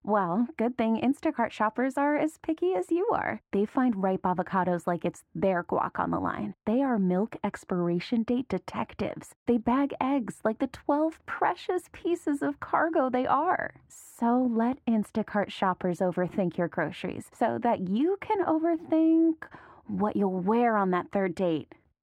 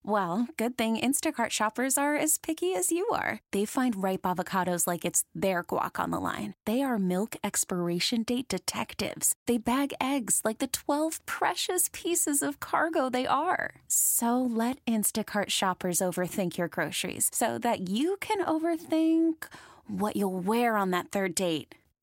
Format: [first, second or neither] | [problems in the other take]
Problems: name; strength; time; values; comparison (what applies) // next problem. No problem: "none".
second | muffled; very; fading above 3.5 kHz